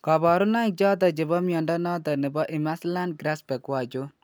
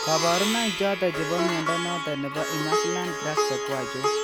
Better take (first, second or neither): first